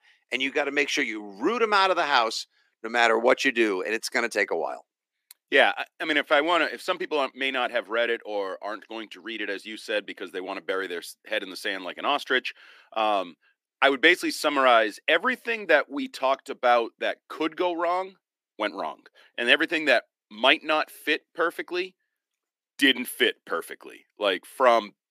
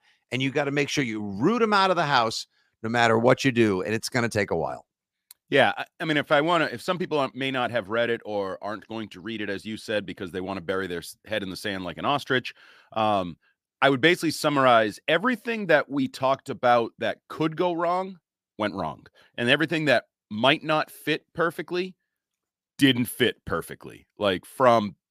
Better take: second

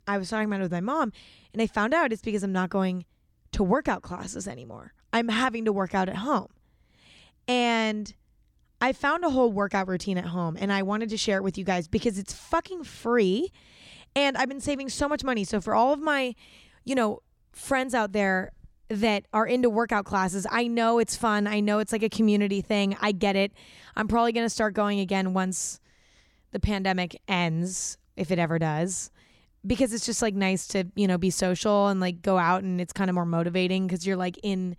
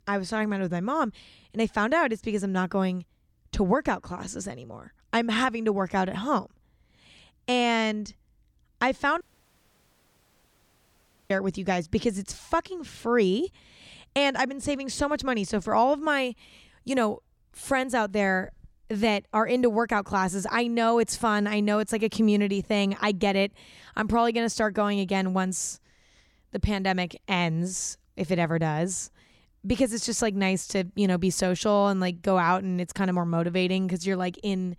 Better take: first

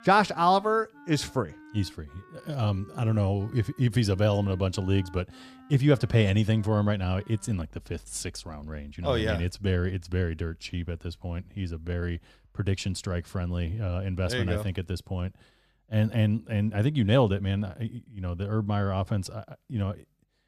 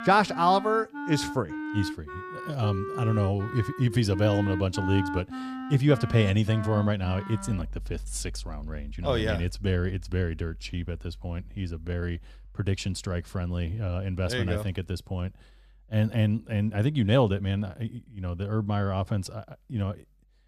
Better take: first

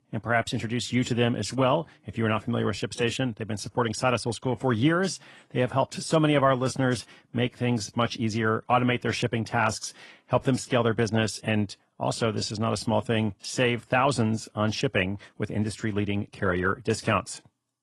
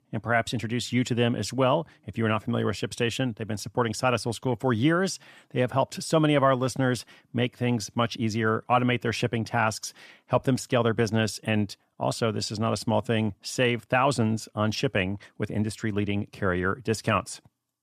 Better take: second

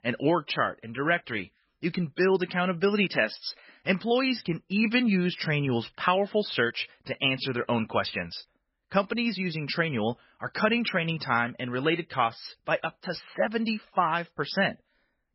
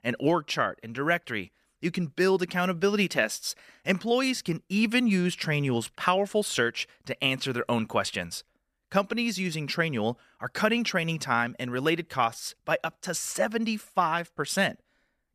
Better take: second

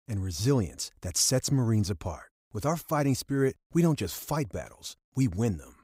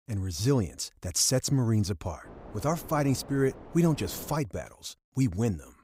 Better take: first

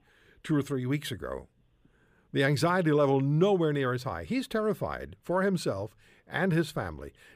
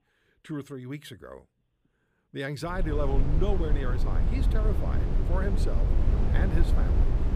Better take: first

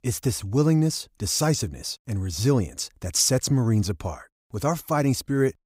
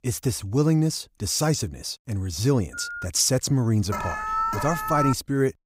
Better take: first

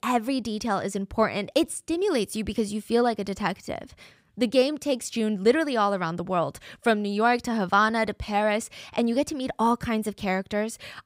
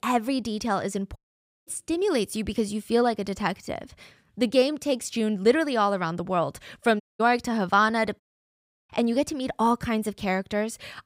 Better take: first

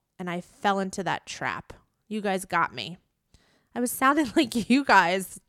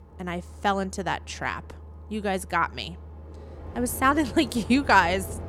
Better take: first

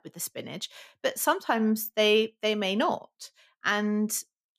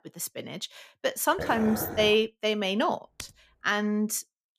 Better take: first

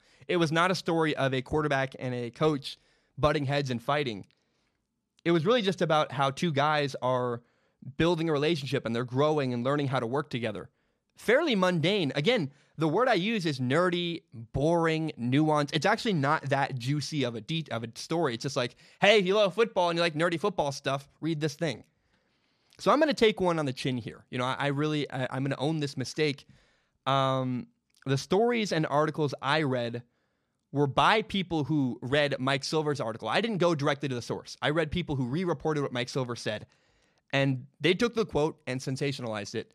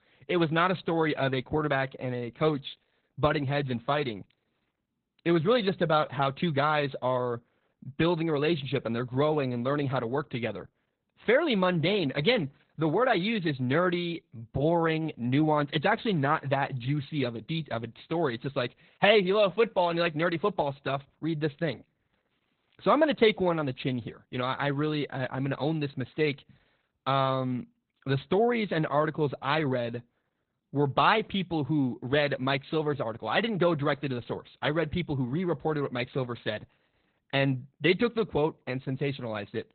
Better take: first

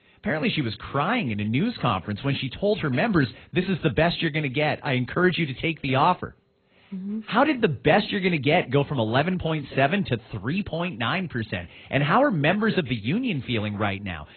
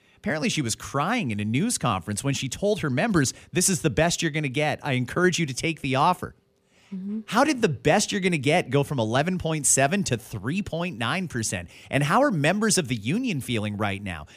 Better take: second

